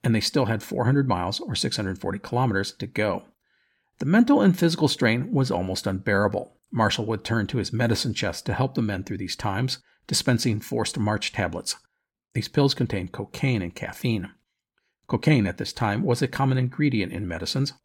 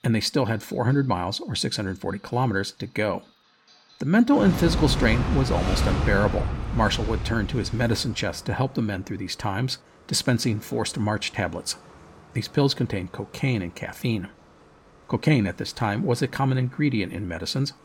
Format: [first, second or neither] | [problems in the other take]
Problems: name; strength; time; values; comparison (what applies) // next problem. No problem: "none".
first | household noises; loud; throughout; 3 dB below the speech